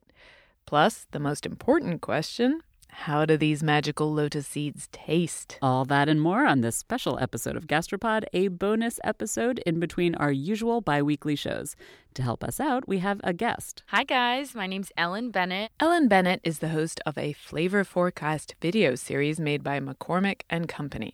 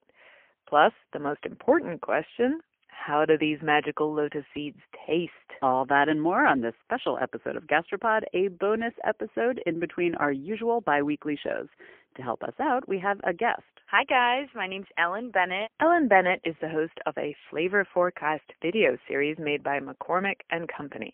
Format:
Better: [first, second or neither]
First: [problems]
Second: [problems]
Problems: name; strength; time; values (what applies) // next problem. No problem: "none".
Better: first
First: none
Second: phone-call audio; poor line; nothing above 3 kHz